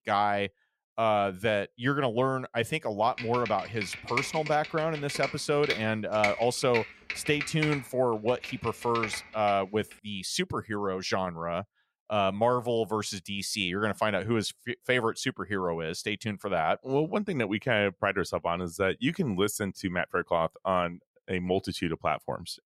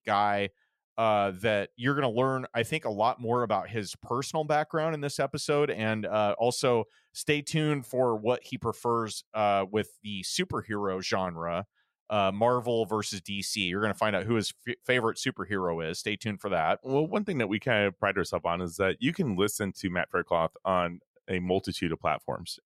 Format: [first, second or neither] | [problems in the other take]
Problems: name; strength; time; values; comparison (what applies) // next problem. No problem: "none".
second | keyboard typing; noticeable; from 3 to 9.5 s; peak 2 dB below the speech